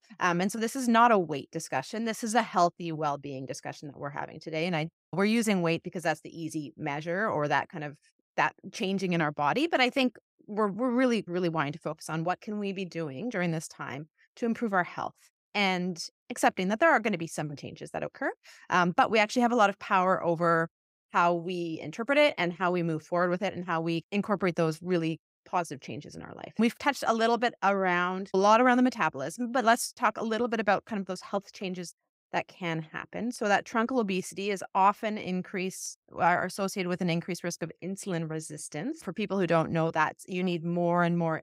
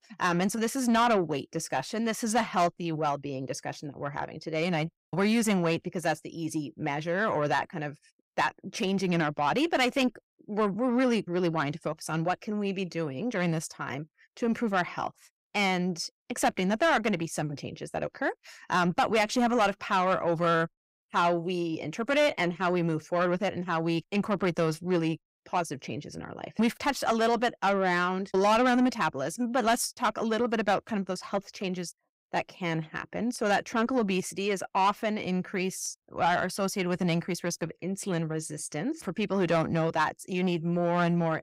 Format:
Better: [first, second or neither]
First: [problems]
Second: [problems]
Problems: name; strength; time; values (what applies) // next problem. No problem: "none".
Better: first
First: none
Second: distortion; slight; 10 dB below the speech